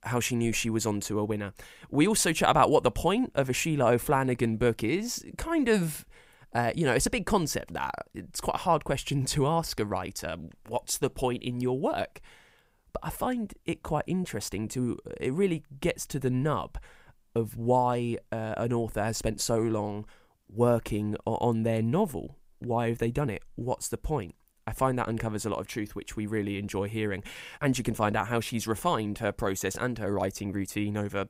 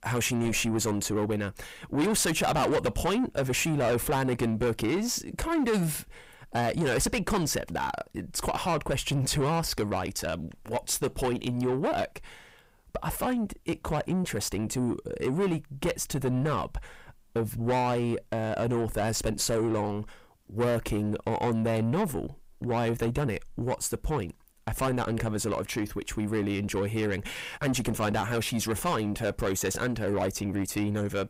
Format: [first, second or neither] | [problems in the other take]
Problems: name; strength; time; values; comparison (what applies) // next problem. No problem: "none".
first | distortion; heavy; 7 dB below the speech